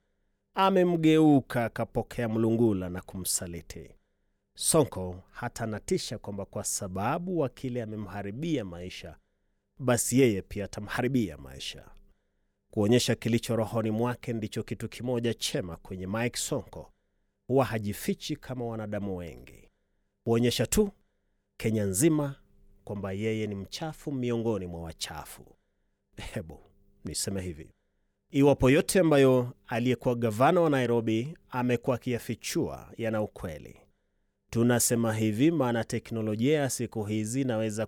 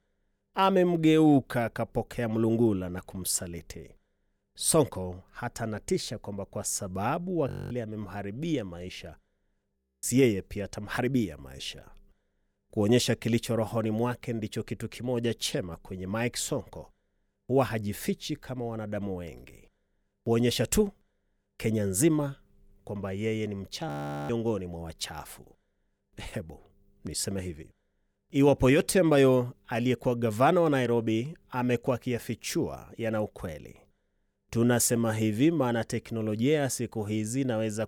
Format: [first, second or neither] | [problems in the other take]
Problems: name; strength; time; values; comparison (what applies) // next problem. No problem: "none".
first | audio freezing; at 7.5 s, at 10 s and at 24 s